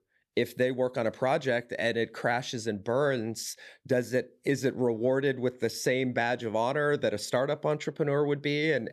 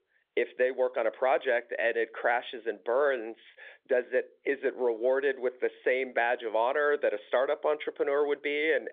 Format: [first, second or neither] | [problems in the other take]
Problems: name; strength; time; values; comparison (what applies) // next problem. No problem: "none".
first | phone-call audio